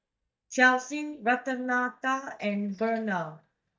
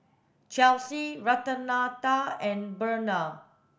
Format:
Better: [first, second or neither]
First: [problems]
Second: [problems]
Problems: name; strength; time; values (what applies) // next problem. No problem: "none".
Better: second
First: noise reduction (neural mask model DeepFilterNet 3)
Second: none